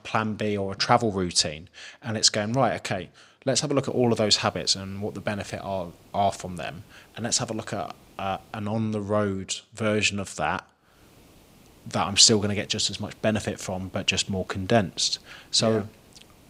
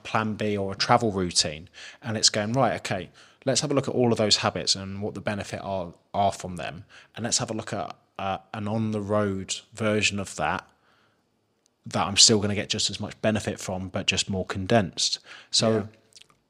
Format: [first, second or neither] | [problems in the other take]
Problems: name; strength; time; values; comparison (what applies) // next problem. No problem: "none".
second | hiss; faint; from 4 to 8.5 s and from 11 s on; 30 dB below the speech